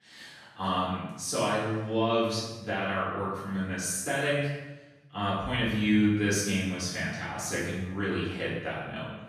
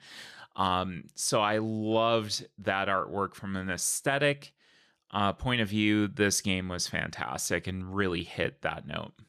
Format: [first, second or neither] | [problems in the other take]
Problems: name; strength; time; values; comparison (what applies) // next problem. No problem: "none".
second | off-mic speech; far // room echo; strong; dies away in 1 s